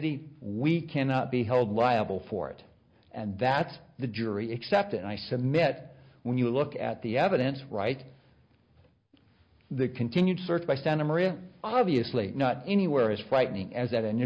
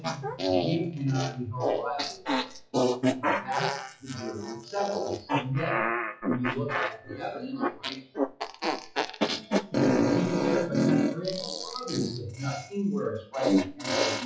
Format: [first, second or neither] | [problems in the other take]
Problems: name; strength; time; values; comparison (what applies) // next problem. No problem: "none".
first | noise reduction (classical method WPE with log-MMSE)